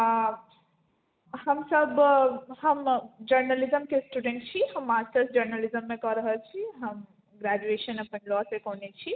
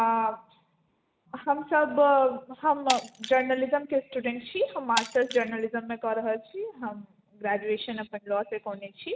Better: first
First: none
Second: background sound (Shatter); 12 dB below the speech

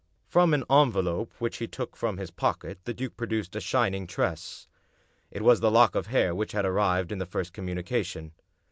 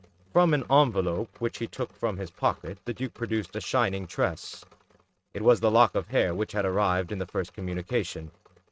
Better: first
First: none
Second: noise reduction (neural mask model RNNoise)

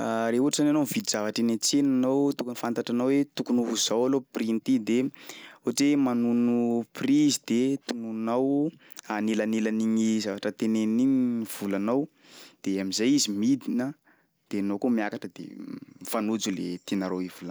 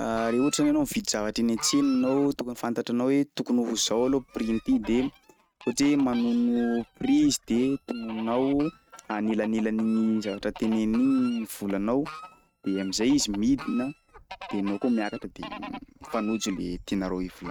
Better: first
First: none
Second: noise reduction (neural mask model RNNoise)

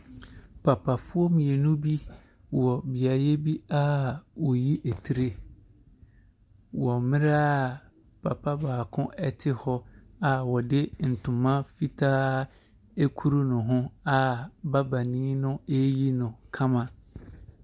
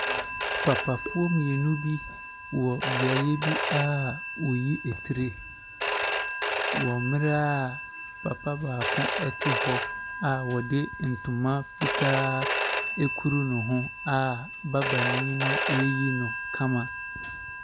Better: first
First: none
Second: background sound (Telephone); 3 dB below the speech

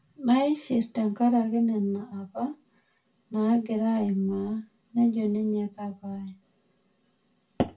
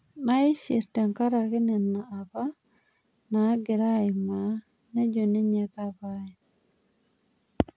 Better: second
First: room echo; dies away in 0.2 s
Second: none

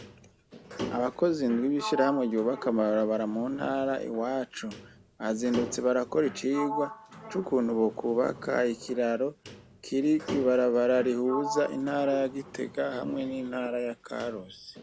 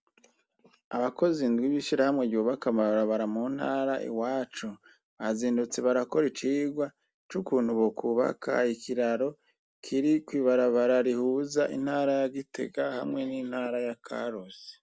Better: second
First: background sound (Sliding door); 12 dB below the speech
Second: none

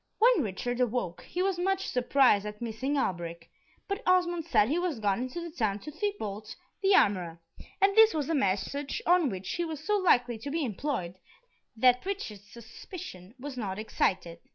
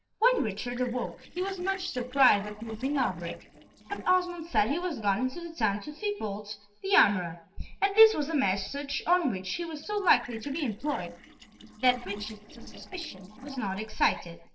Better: first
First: none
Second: noise reduction (neural separator model SepFormer DNS4)

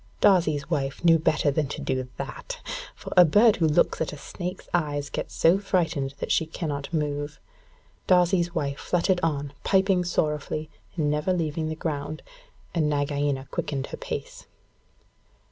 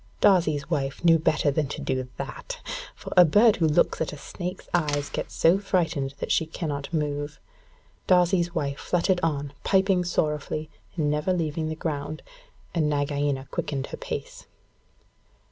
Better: first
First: none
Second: background sound (Door); 16 dB below the speech

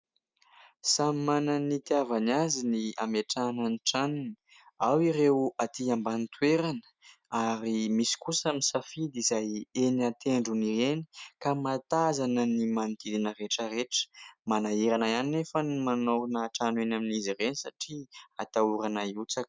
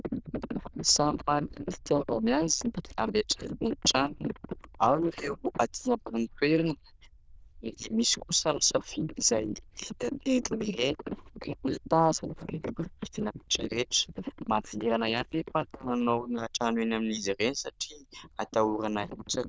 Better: first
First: none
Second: noise reduction (neural diffusion model UNIVERSE++)

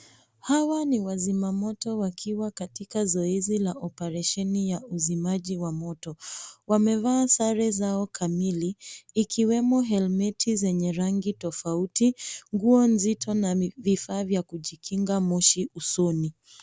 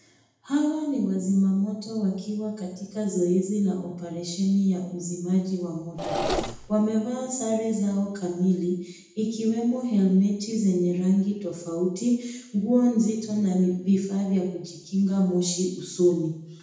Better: first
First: none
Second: background sound (Engine / Mechanisms); 4 dB below the speech // room echo; dies away in 0.8 s

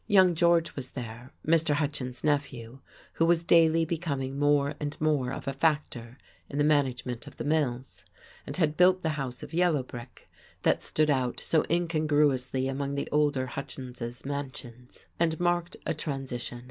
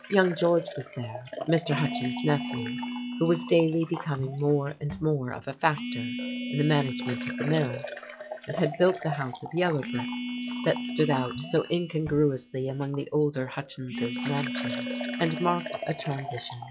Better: first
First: none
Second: noise reduction (classical method log-MMSE)

